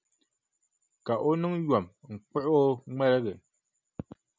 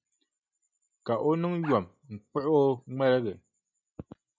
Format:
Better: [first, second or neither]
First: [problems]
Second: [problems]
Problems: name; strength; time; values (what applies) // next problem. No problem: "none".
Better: first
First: none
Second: noise reduction (classical method log-MMSE)